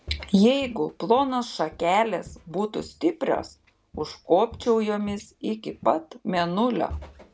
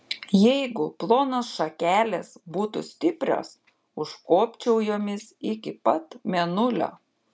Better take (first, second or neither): second